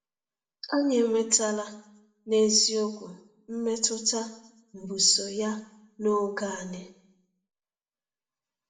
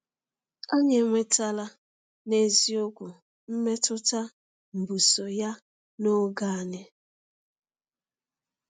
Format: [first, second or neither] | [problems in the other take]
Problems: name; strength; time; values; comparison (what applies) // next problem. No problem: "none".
second | room echo; dies away in 0.6 s